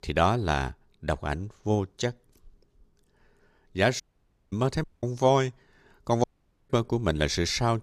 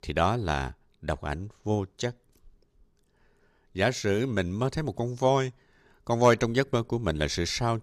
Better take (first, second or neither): second